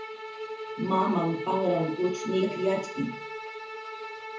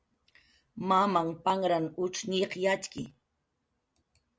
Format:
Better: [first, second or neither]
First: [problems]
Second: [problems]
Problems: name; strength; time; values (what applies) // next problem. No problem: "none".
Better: second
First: background sound (Bowed string instrument); 8 dB below the speech // room echo; dies away in 0.7 s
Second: none